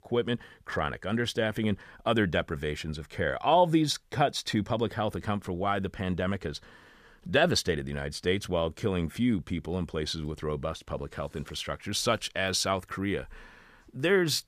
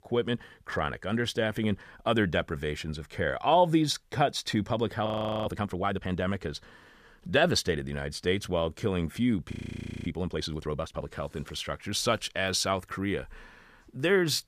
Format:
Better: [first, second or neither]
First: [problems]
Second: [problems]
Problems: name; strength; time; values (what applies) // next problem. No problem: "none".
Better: first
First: none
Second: audio freezing; at 5 s and at 9.5 s for 0.5 s